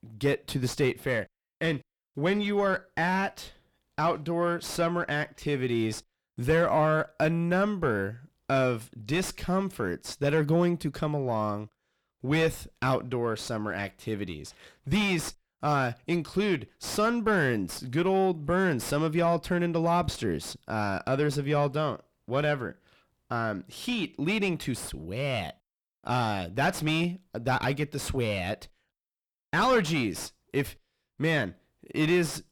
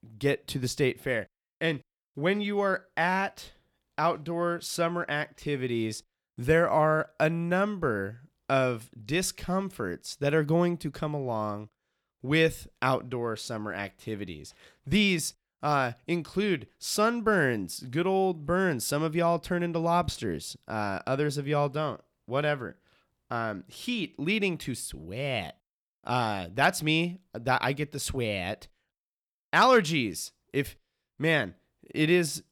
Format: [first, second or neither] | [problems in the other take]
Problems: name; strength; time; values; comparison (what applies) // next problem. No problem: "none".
second | distortion; slight; 9 dB below the speech